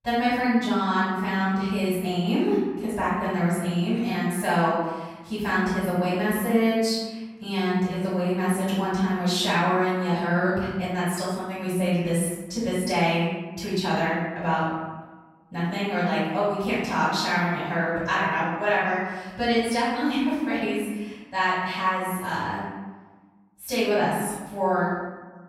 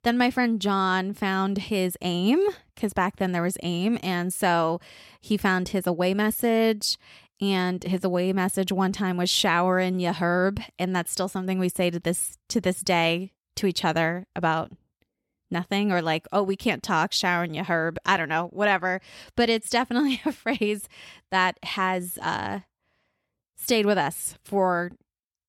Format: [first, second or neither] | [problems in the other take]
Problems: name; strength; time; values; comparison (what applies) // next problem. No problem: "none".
second | off-mic speech; far // room echo; strong; dies away in 1.1 s